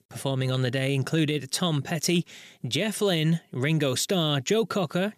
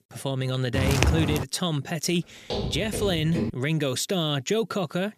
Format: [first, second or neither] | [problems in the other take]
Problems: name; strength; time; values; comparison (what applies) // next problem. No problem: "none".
first | footsteps; loud; at 0.5 s; peak 4 dB above the speech // footsteps; noticeable; from 2.5 to 3.5 s; peak 3 dB below the speech